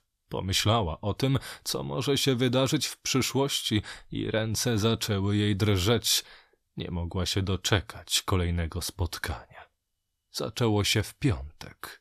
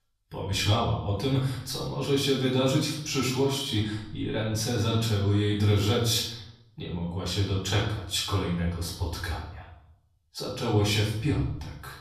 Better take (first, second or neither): first